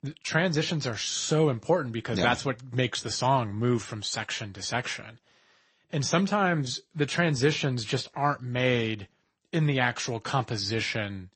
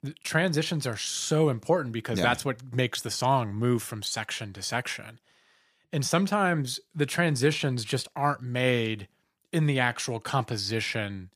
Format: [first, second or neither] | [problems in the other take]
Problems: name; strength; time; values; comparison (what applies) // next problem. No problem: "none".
second | garbled, watery; slightly; nothing above 8 kHz